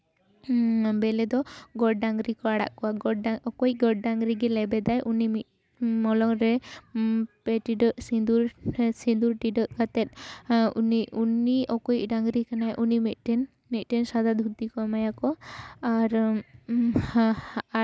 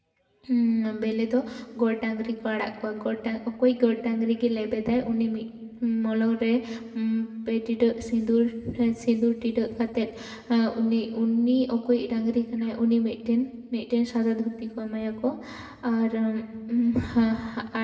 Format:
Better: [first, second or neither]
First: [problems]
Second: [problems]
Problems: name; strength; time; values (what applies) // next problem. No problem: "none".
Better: first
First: none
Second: room echo; dies away in 2.6 s